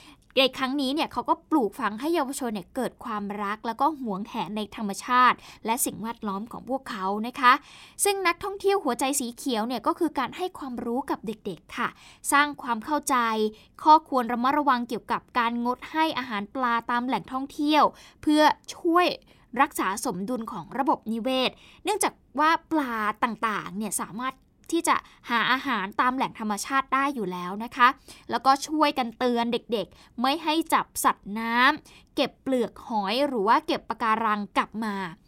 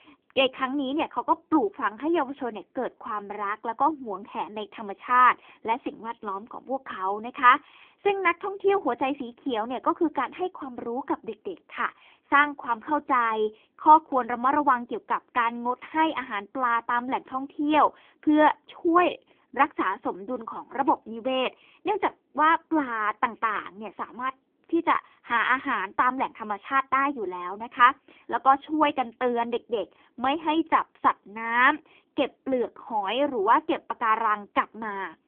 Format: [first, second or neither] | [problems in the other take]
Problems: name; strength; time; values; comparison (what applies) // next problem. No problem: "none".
first | phone-call audio; poor line; nothing above 3.5 kHz